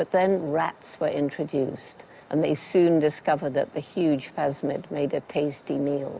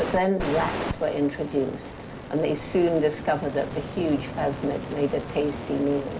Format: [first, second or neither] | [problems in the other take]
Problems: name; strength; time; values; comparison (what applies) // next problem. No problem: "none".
first | background sound (Fire); 8 dB below the speech // room echo; dies away in 1.8 s